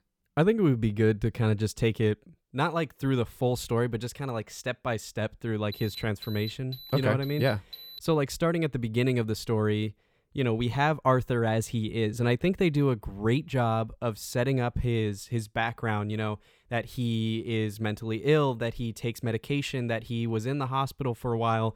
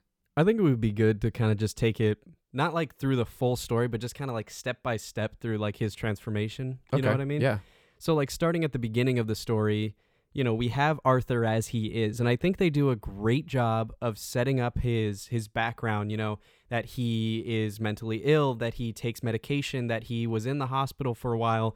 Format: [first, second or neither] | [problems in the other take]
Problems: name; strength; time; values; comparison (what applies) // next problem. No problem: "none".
second | alarm; faint; from 5.5 to 8 s; peak 10 dB below the speech